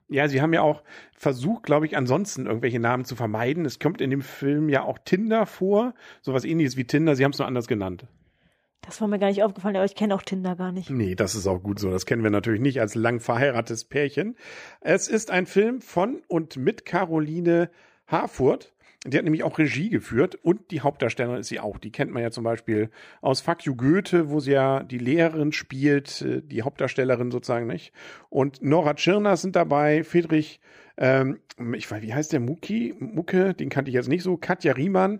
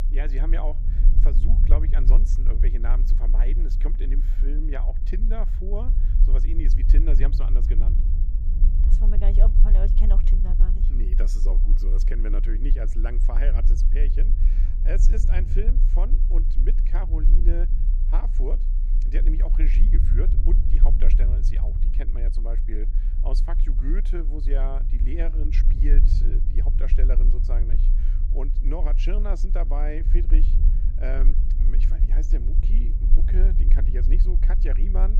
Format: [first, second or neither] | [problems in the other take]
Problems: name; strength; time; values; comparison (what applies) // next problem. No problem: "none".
first | low rumble; loud; throughout; 6 dB below the speech